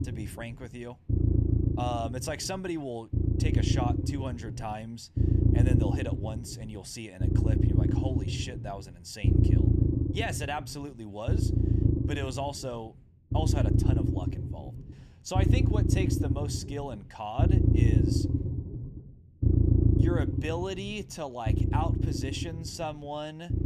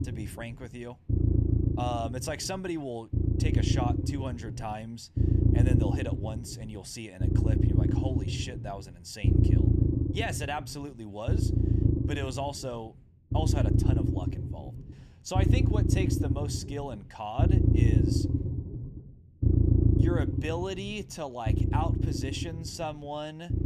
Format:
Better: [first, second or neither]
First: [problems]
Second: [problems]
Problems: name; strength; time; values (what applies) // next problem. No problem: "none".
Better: neither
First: low rumble; loud; throughout; as loud as the speech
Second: low rumble; loud; throughout; as loud as the speech